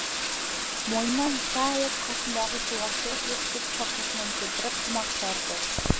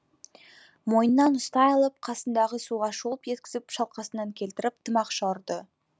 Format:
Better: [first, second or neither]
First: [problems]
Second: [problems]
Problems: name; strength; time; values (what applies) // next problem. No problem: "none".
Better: second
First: background sound (Bathtub (filling or washing)); 4 dB above the speech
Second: none